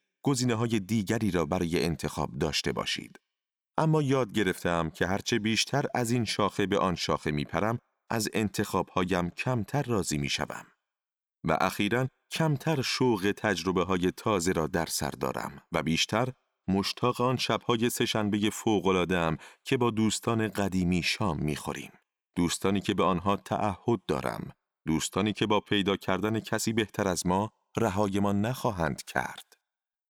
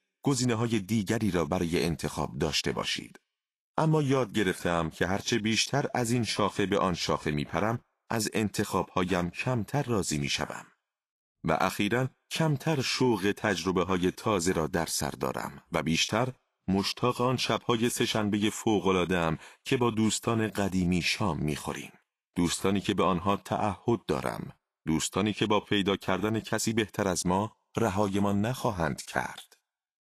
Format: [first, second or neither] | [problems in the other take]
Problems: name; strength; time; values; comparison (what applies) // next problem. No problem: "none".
first | garbled, watery; slightly; nothing above 12.5 kHz